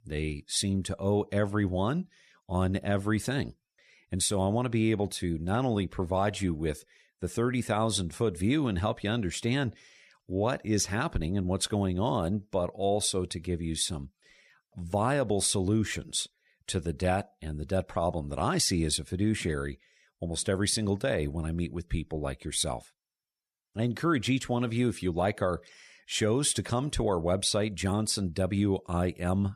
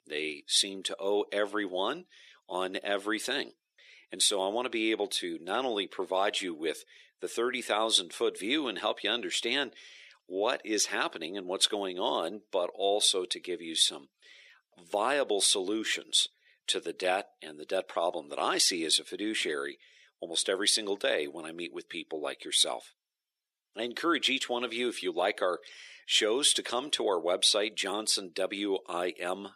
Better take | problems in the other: first | thin; somewhat; fading below 350 Hz

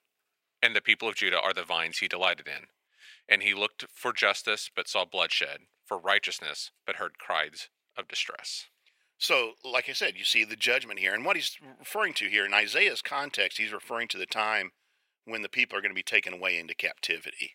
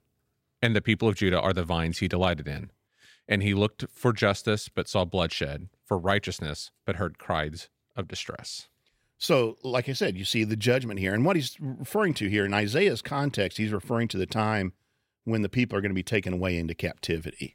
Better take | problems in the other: second | thin; very; fading below 650 Hz

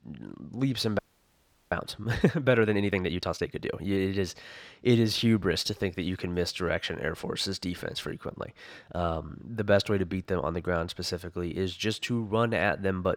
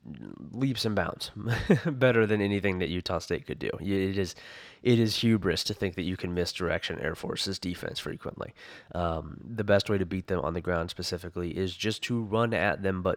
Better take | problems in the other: second | audio freezing; at 1 s for 0.5 s

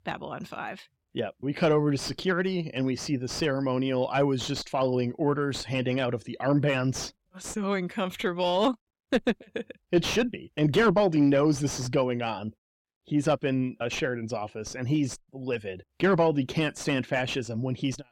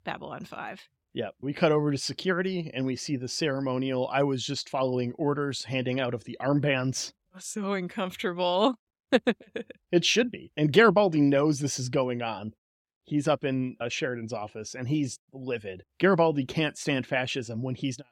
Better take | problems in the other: second | distortion; slight; 10 dB below the speech

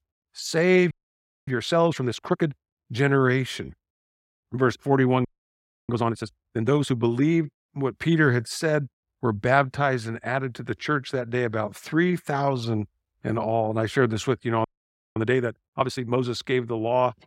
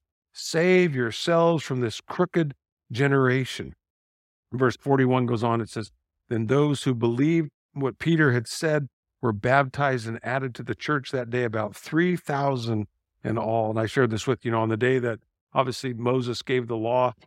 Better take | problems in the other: second | audio freezing; at 1 s for 0.5 s, at 5.5 s for 0.5 s and at 15 s for 0.5 s

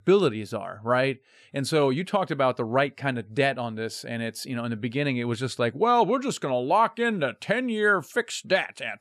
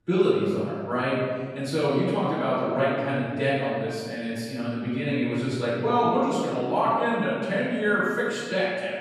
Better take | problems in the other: first | off-mic speech; far // room echo; strong; dies away in 1.7 s

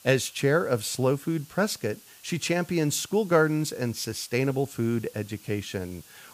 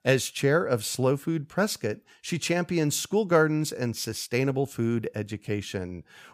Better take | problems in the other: second | hiss; faint; throughout; 25 dB below the speech

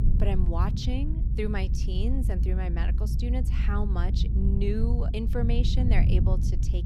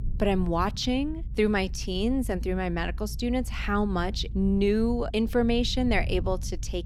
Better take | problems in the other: second | low rumble; loud; throughout; 6 dB below the speech; faint in the second

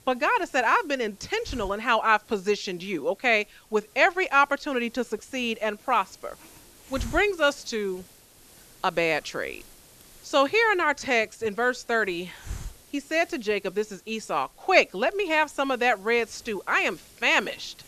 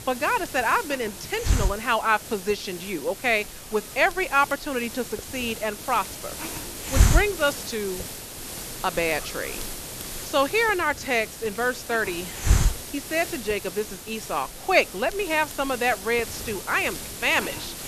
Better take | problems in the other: first | hiss; loud; throughout; 6 dB below the speech; faint in the first

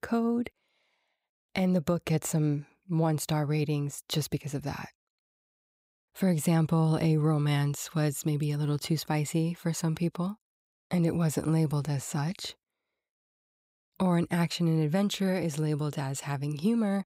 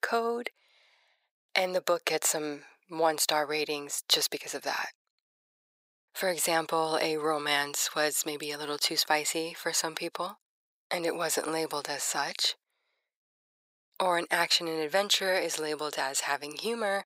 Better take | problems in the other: first | thin; very; fading below 500 Hz

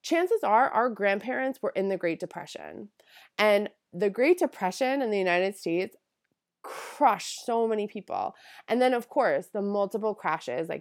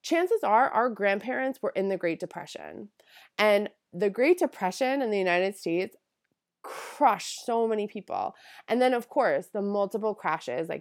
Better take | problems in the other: neither | none

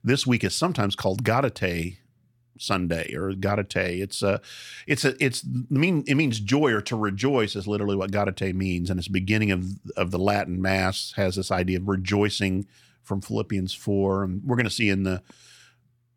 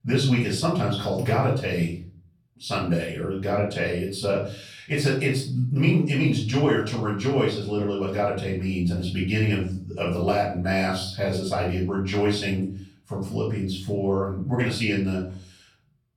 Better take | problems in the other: first | off-mic speech; far // room echo; noticeable; dies away in 0.4 s

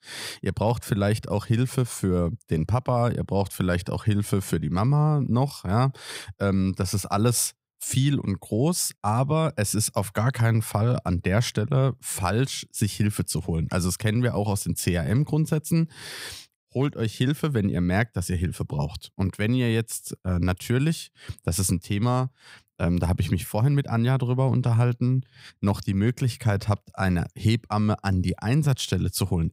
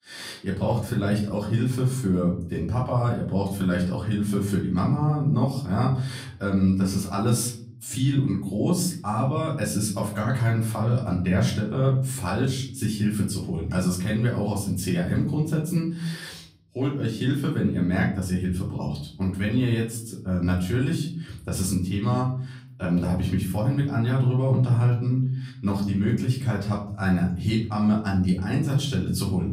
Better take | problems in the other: first | off-mic speech; far // room echo; slight; dies away in 0.6 s

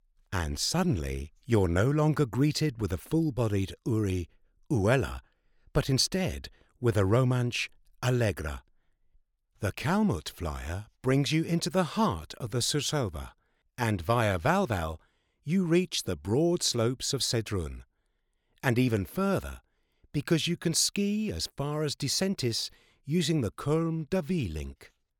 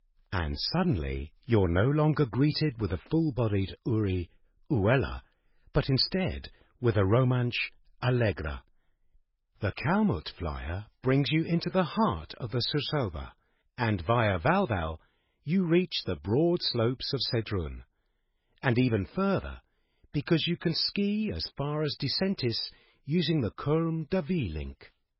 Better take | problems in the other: first | garbled, watery; badly; nothing above 5.5 kHz

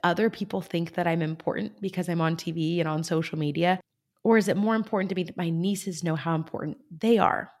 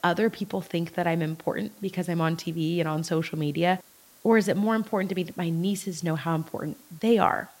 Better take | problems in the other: first | hiss; faint; throughout; 25 dB below the speech

